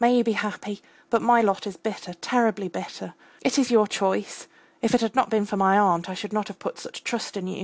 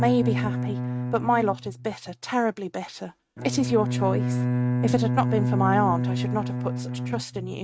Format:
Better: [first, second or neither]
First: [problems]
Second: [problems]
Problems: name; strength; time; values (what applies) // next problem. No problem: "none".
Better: first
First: none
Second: noise reduction (neural mask model RNNoise)